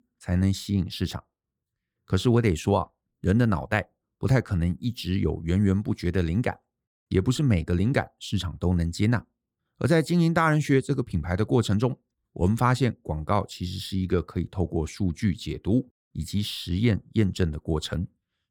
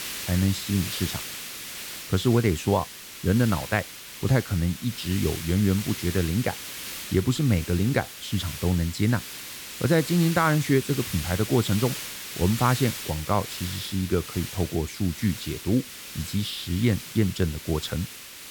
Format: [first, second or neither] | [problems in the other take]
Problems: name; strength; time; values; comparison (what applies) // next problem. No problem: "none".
first | hiss; loud; throughout; 9 dB below the speech